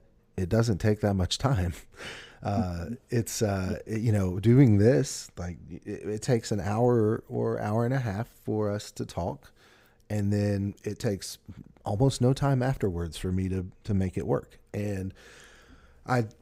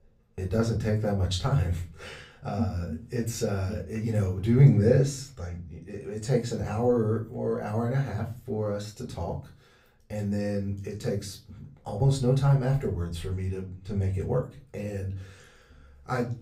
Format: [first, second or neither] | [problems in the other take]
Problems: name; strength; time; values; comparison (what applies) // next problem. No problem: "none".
first | off-mic speech; somewhat distant // room echo; very slight; dies away in 0.3 s